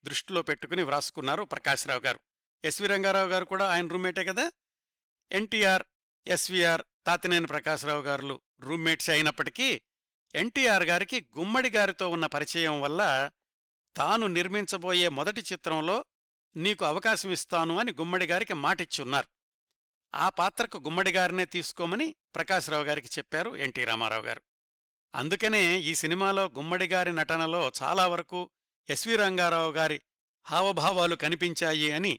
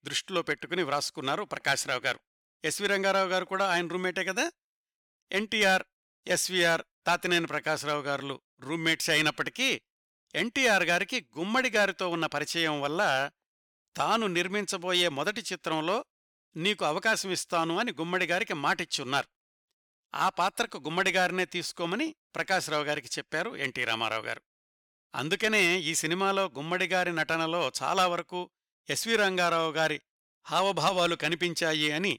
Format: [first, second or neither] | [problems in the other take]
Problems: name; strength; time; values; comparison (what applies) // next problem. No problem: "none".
second | garbled, watery; slightly; nothing above 18.5 kHz